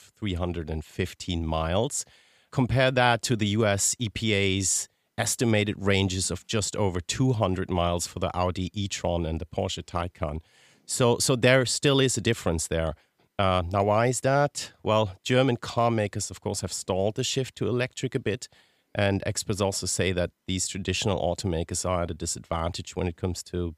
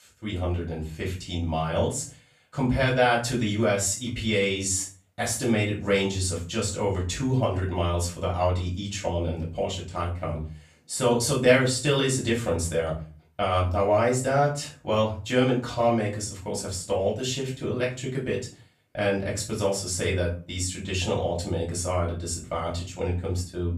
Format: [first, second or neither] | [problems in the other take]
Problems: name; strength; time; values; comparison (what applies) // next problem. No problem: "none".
first | off-mic speech; far // room echo; slight; dies away in 0.4 s